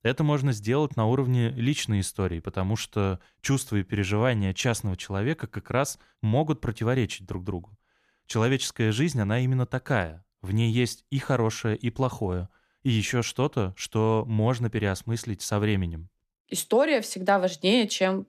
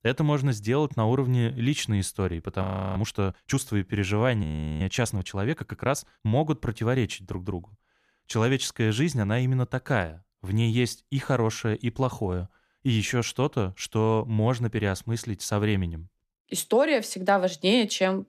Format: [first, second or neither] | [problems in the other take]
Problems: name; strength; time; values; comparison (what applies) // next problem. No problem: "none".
first | audio freezing; at 2.5 s and at 4.5 s